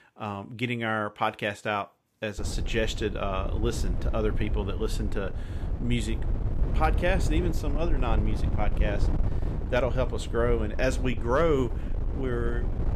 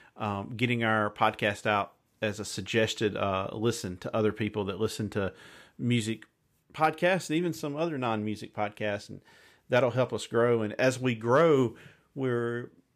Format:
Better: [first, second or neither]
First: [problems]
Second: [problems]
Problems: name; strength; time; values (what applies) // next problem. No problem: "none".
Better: second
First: wind noise on the microphone; occasional gusts; from 2.5 s on; 10 dB below the speech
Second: none